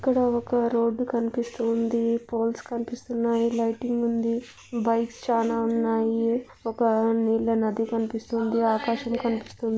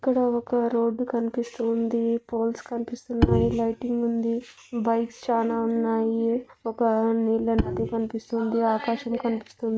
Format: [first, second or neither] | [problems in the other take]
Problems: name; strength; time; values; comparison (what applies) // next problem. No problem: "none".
first | noise reduction (neural mask model RNNoise)